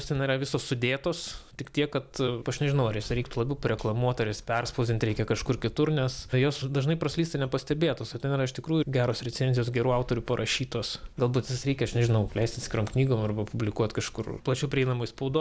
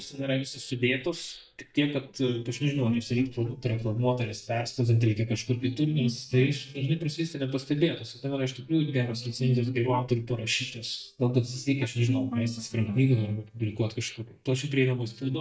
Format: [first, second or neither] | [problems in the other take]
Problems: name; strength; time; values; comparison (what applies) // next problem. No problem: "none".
first | noise reduction (neural mask model DeepFilterNet 3)